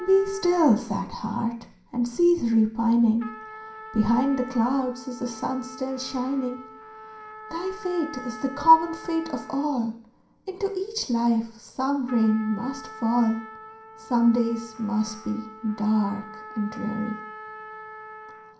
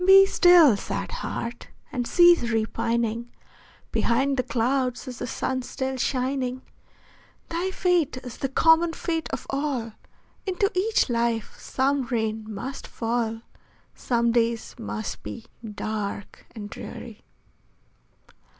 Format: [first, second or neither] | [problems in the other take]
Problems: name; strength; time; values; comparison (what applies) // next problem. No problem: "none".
second | background sound (Trumpet); 17 dB below the speech // room echo; dies away in 0.5 s